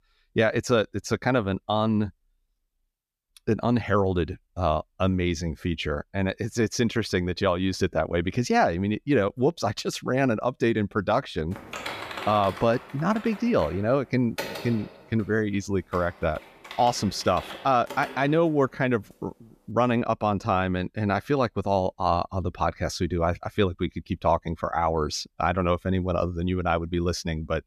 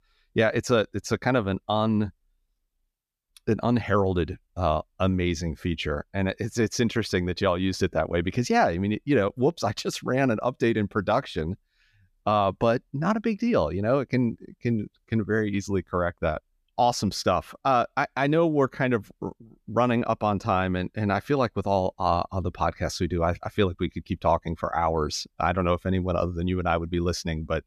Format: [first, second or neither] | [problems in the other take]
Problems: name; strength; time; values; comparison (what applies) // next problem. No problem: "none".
second | keyboard typing; noticeable; from 12 to 18 s; peak 7 dB below the speech